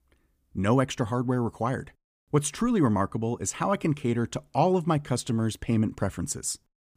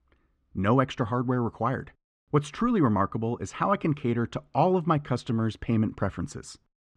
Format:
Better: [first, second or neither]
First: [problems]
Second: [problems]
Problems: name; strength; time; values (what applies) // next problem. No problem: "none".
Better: first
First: none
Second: muffled; slightly; fading above 3.5 kHz